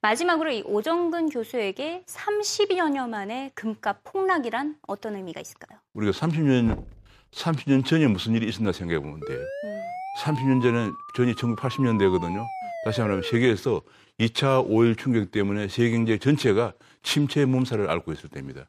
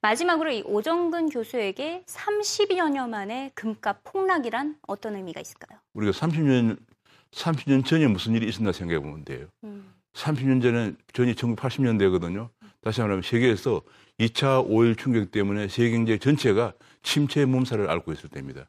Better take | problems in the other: second | door banging; faint; at 6.5 s; peak 10 dB below the speech // siren; noticeable; from 9 to 13 s; peak 9 dB below the speech

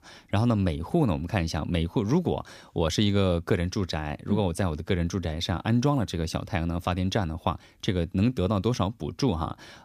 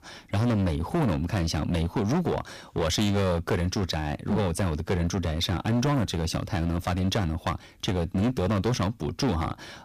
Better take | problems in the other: first | distortion; heavy; 16% of the sound clipped

